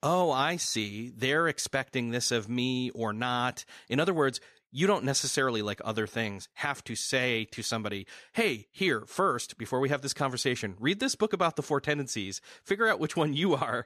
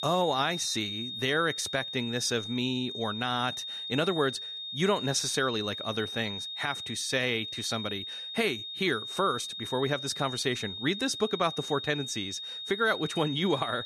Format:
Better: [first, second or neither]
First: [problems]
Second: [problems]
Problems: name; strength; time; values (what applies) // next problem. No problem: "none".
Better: first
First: none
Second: high-pitched whine; loud; throughout; 3.5 kHz, 5 dB below the speech